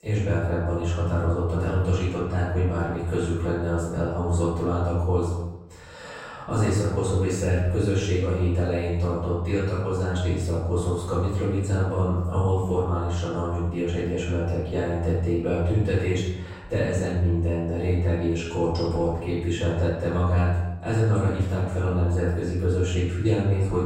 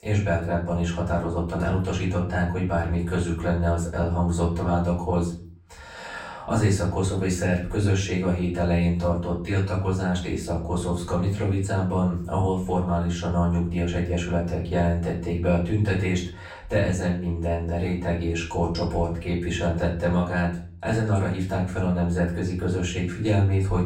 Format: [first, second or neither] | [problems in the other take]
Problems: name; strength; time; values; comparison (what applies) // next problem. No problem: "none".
second | room echo; strong; dies away in 0.9 s; slight in the second // off-mic speech; far; far in the second